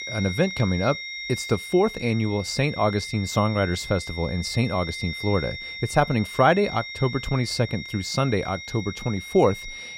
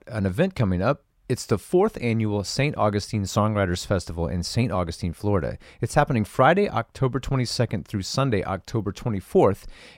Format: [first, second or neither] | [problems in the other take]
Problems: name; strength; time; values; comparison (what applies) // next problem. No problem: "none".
second | high-pitched whine; loud; throughout; 2 kHz, 9 dB below the speech